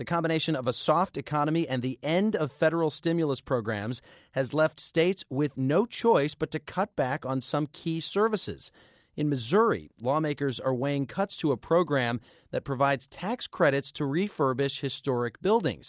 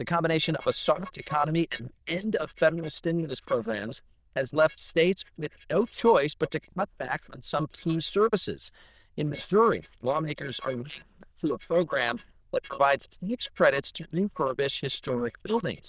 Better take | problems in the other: first | noise reduction (neural diffusion model UNIVERSE++)

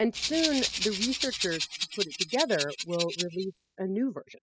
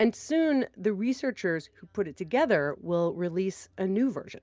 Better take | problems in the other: second | noise reduction (classical method spectral subtraction)

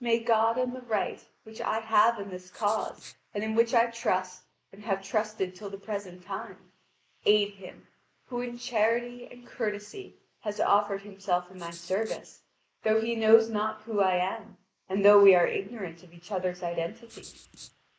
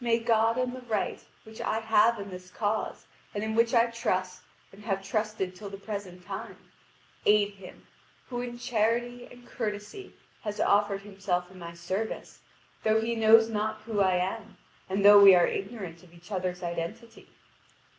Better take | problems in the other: second | noise reduction (neural mask model Resemble Enhance denoiser)

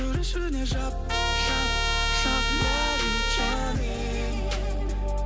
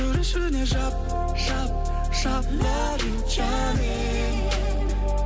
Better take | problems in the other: second | background sound (Trumpet); 2 dB below the speech

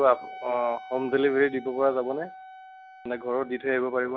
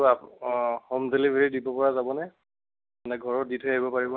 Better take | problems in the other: second | background sound (Wind instrument, woodwind instrument); 17 dB below the speech

